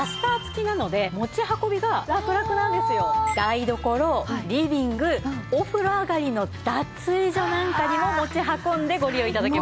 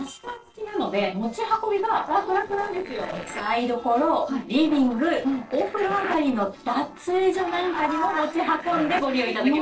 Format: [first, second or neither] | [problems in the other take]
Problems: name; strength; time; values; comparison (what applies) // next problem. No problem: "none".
first | noise reduction (neural separator model SepFormer DNS4)